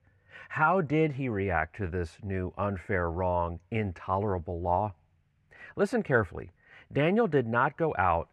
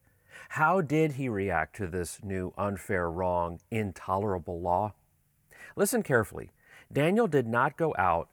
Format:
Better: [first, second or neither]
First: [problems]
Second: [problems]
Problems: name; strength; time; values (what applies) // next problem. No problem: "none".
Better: second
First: muffled; slightly; fading above 3 kHz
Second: none